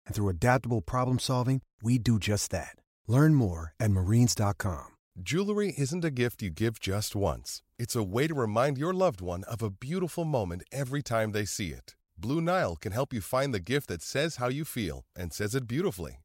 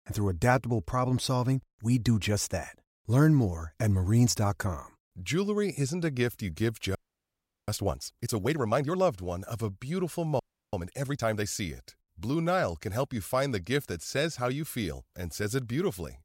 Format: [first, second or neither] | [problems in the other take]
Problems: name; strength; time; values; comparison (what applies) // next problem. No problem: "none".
first | audio freezing; at 7 s for 0.5 s and at 10 s